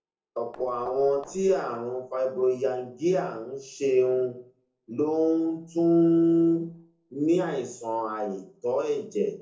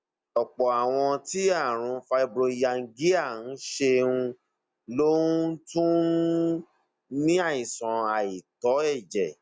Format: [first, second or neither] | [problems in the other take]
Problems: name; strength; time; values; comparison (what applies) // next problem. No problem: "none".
second | noise reduction (neural separator model SepFormer DNS4)